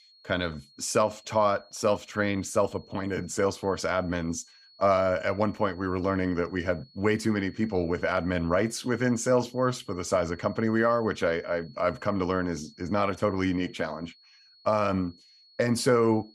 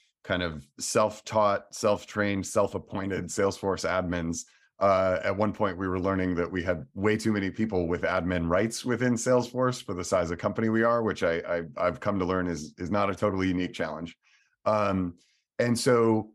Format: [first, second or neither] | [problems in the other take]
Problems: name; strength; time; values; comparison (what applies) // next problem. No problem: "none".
second | high-pitched whine; faint; throughout; 4.5 kHz, 25 dB below the speech